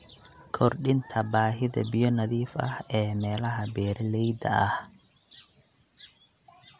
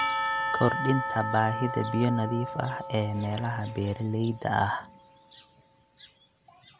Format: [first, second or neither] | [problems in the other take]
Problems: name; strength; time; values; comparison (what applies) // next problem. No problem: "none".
first | background sound (Church bell / Percussion); 5 dB below the speech